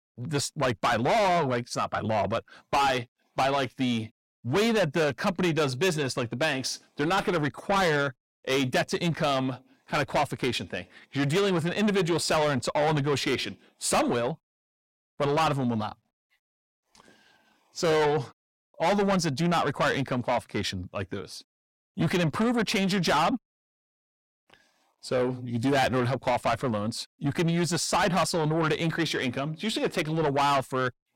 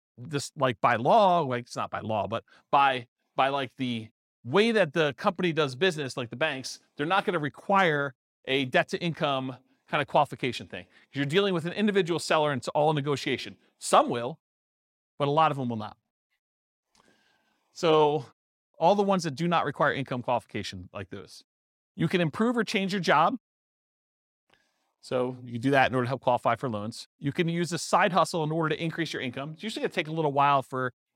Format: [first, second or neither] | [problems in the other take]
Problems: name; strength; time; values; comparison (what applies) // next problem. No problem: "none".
second | distortion; heavy; 6 dB below the speech